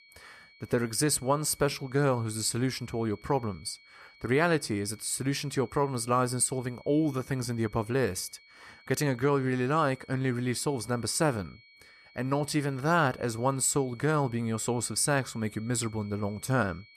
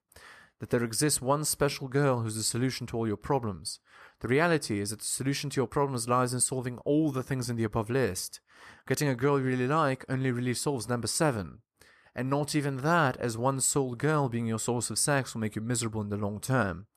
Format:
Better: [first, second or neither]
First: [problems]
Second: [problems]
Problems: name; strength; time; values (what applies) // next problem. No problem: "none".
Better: second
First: high-pitched whine; faint; throughout; 2.5 kHz, 25 dB below the speech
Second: none